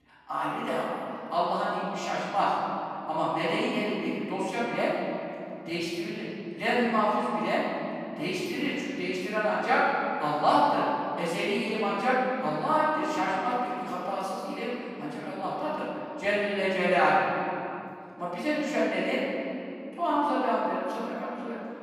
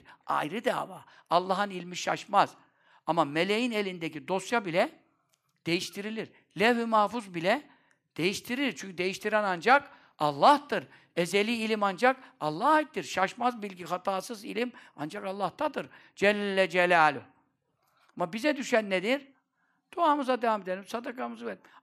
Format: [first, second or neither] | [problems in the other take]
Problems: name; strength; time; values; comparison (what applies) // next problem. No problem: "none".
second | off-mic speech; far // room echo; strong; dies away in 2.7 s